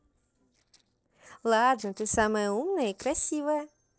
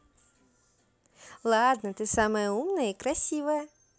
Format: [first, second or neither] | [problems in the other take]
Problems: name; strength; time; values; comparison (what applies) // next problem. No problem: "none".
second | noise reduction (neural separator model SepFormer DNS4)